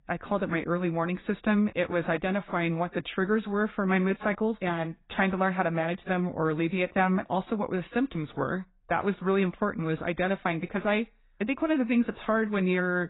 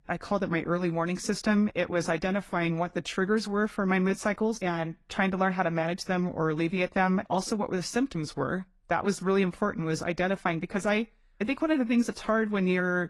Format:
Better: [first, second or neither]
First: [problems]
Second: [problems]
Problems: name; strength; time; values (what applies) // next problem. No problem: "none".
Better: second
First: garbled, watery; badly; nothing above 4 kHz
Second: garbled, watery; slightly; nothing above 11.5 kHz